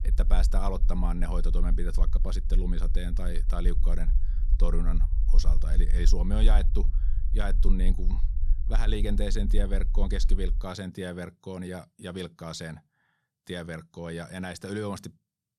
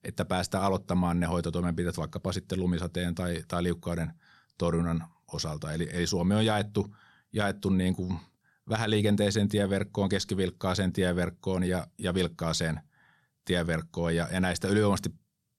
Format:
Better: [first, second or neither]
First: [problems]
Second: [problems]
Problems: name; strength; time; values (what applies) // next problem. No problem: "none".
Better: second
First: low rumble; noticeable; until 11 s; 15 dB below the speech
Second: none